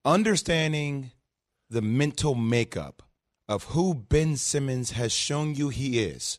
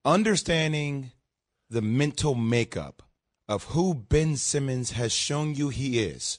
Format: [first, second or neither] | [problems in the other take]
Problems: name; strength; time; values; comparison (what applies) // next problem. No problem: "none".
first | garbled, watery; slightly; nothing above 9 kHz